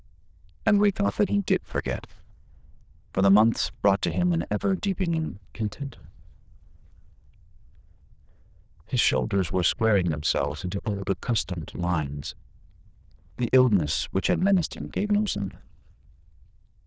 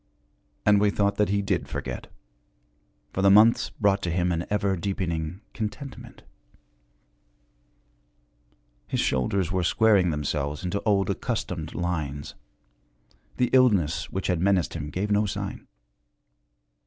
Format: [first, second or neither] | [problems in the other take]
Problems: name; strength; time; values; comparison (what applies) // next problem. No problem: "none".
second | noise reduction (neural diffusion model UNIVERSE++)